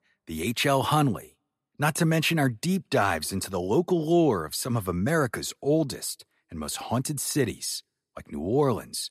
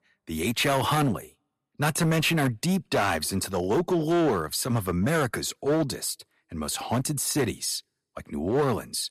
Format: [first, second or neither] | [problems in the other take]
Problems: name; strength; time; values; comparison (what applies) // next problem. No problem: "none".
first | distortion; slight; 9% of the sound clipped